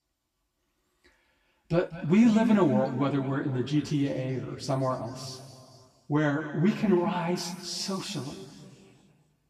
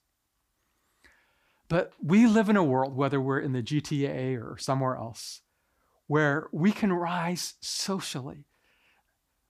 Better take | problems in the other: second | room echo; noticeable; dies away in 1.9 s // off-mic speech; far

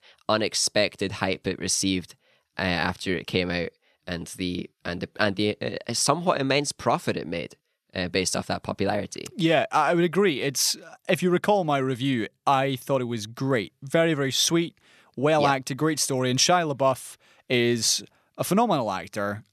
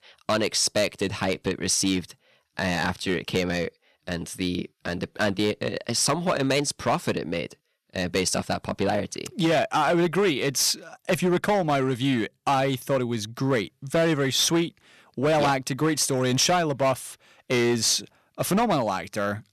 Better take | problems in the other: first | distortion; slight; 7% of the sound clipped

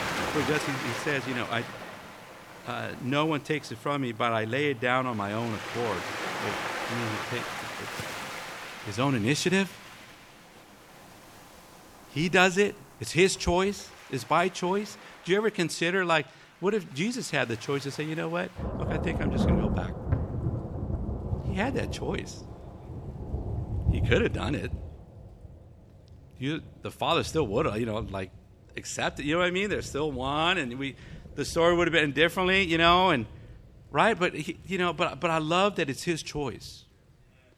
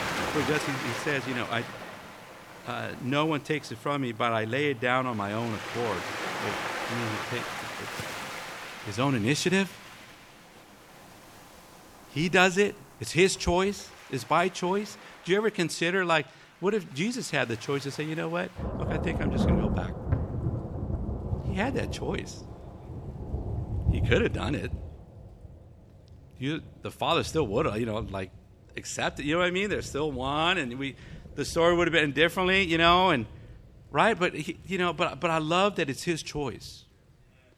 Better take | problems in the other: neither | rain or running water; loud; throughout; 8 dB below the speech; the same in both

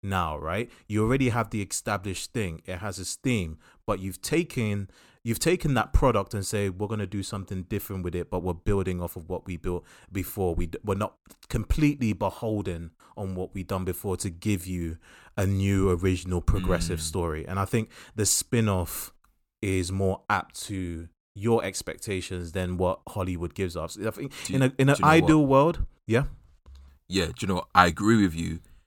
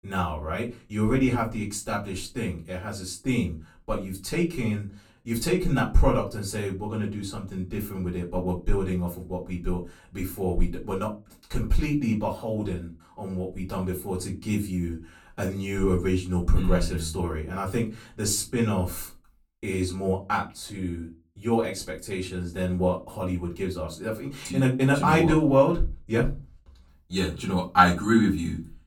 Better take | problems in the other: first | off-mic speech; far // room echo; very slight; dies away in 0.3 s

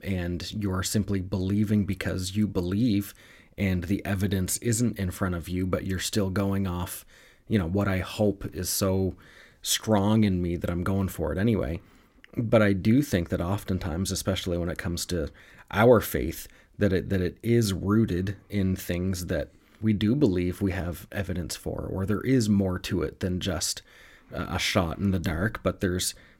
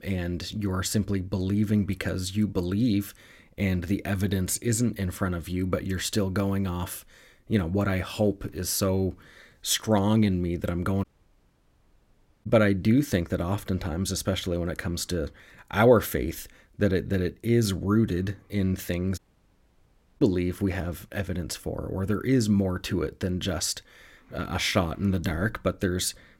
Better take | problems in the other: first | audio cutting out; at 11 s for 1.5 s and at 19 s for 1 s

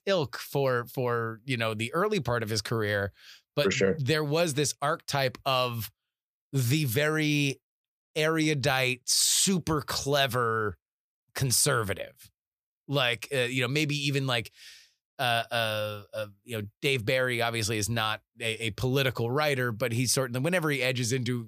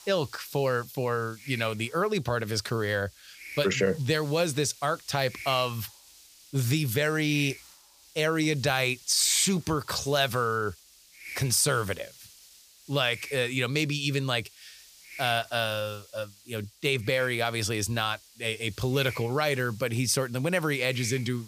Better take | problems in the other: first | hiss; noticeable; throughout; 20 dB below the speech

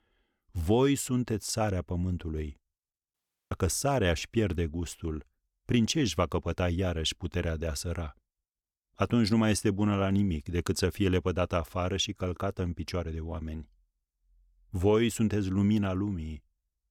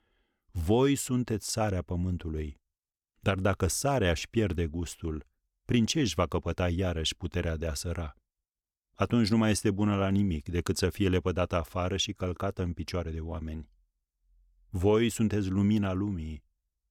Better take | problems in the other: second | audio cutting out; at 3 s

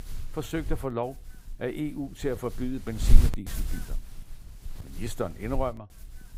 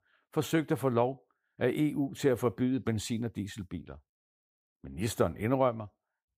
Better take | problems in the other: second | wind noise on the microphone; occasional gusts; 10 dB below the speech

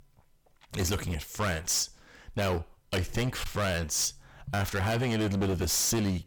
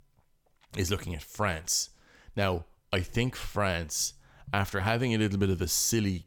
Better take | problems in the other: second | distortion; heavy; 17% of the sound clipped

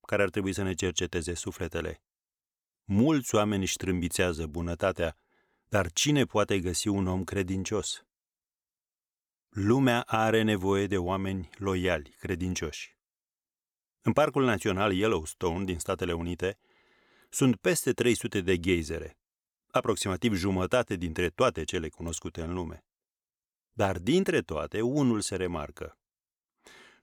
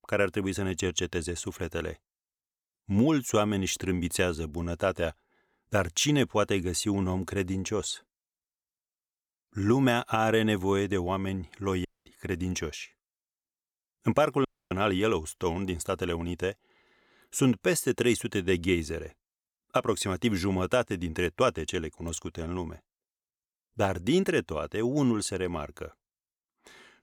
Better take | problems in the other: first | audio cutting out; at 12 s and at 14 s

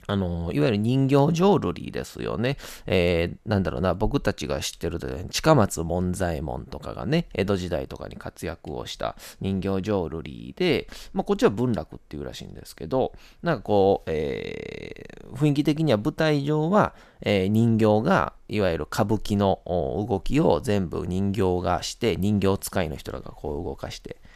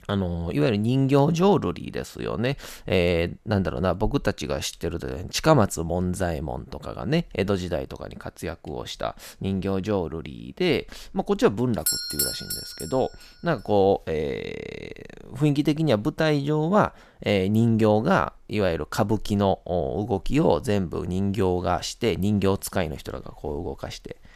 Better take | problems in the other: first | doorbell; loud; at 12 s; peak 2 dB above the speech

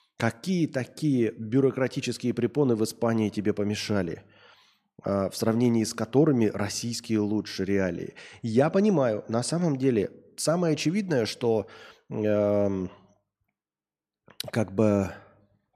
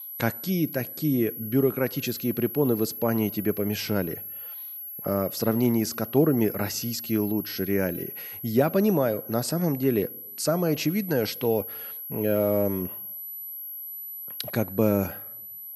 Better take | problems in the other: first | high-pitched whine; loud; throughout; 11.5 kHz, 9 dB below the speech

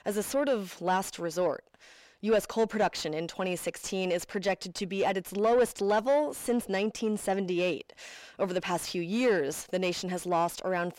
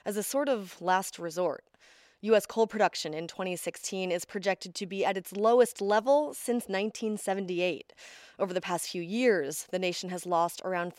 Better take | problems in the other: second | distortion; slight; 10 dB below the speech

